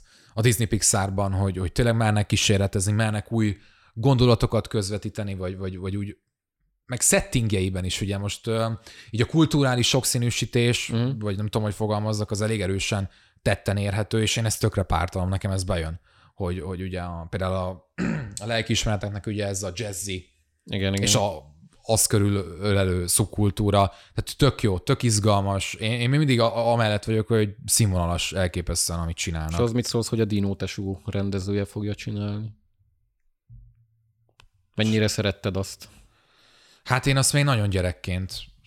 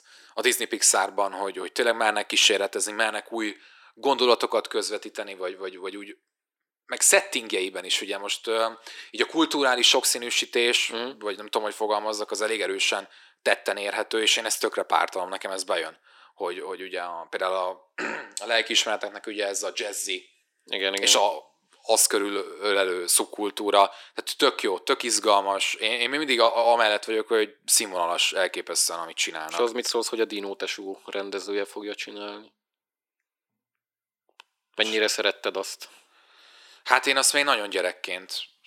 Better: first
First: none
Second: thin; very; fading below 350 Hz

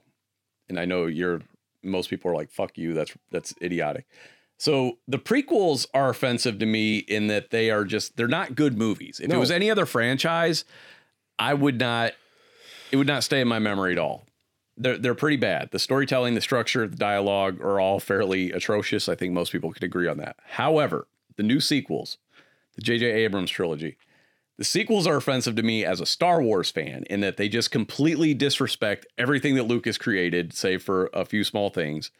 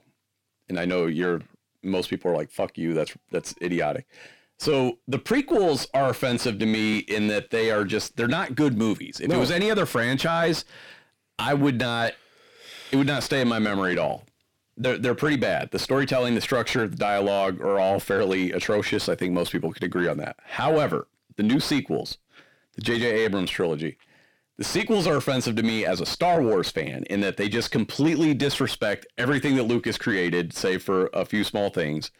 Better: first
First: none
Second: distortion; slight; 10 dB below the speech

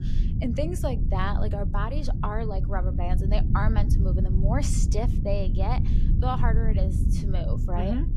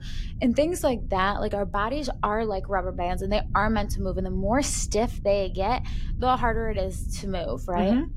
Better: second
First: low rumble; loud; throughout; 7 dB below the speech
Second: low rumble; faint; throughout; 25 dB below the speech

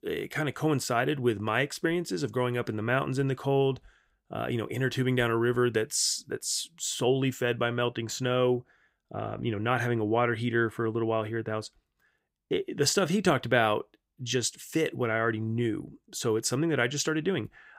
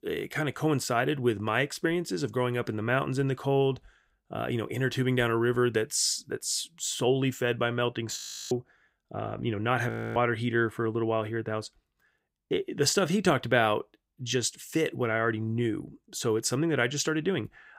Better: first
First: none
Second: audio freezing; at 8 s and at 10 s

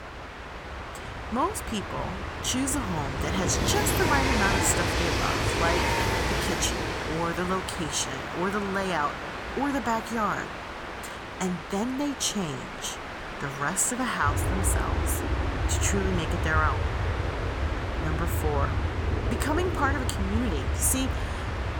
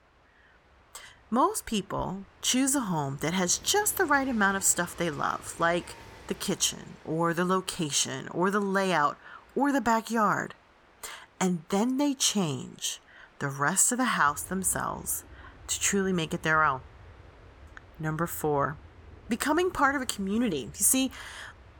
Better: second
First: train or aircraft noise; loud; throughout; as loud as the speech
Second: train or aircraft noise; faint; throughout; 25 dB below the speech

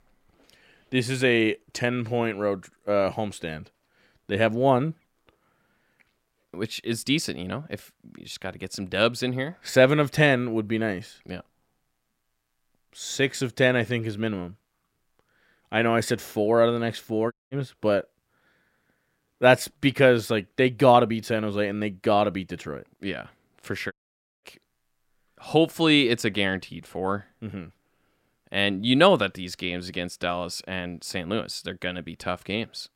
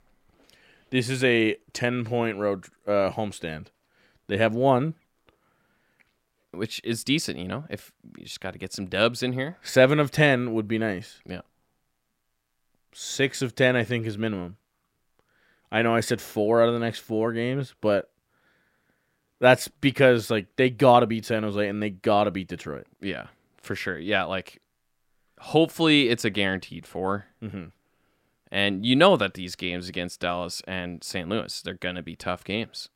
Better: second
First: audio cutting out; at 17 s and at 24 s for 0.5 s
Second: none

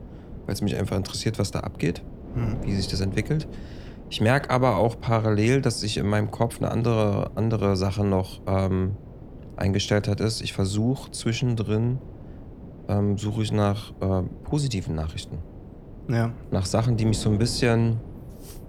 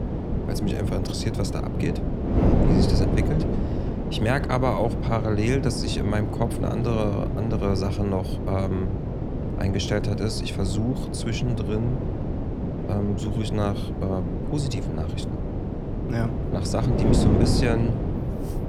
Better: first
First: wind noise on the microphone; occasional gusts; 20 dB below the speech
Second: wind noise on the microphone; heavy; 2 dB below the speech

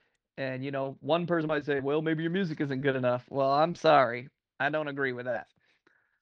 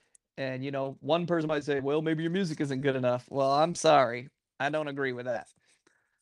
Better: second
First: muffled; very slightly; fading above 4 kHz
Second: none

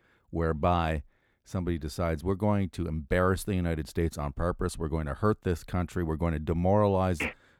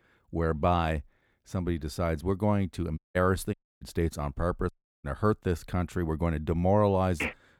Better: first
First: none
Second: audio cutting out; at 3 s, at 3.5 s and at 4.5 s

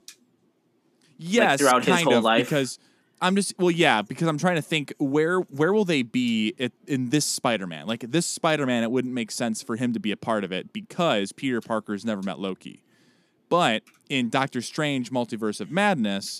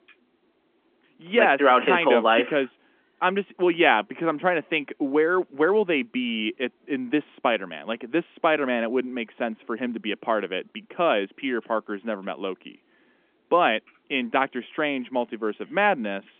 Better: first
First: none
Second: phone-call audio; nothing above 3.5 kHz

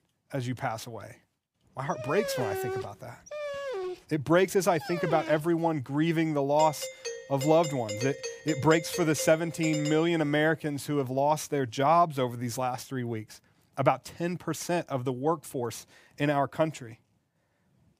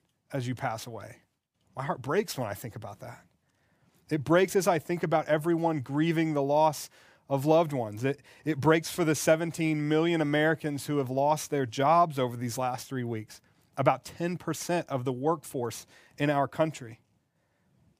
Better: second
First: dog barking; noticeable; from 2 to 5.5 s; peak 5 dB below the speech // doorbell; noticeable; from 6.5 to 10 s; peak 7 dB below the speech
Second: none

